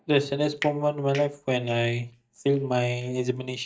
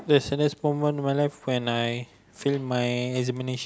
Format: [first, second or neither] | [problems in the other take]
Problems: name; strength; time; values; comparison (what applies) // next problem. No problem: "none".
second | noise reduction (neural mask model DeepFilterNet 3)